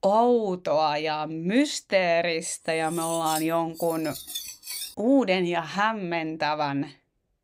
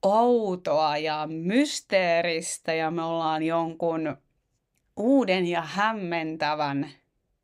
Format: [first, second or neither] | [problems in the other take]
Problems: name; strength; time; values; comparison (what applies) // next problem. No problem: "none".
second | clattering dishes; noticeable; from 2.5 to 5 s; peak 7 dB below the speech